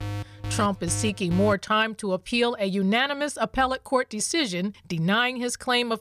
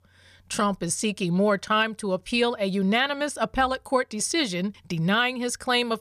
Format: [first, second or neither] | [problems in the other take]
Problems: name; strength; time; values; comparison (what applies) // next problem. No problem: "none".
second | alarm; noticeable; until 1.5 s; peak 8 dB below the speech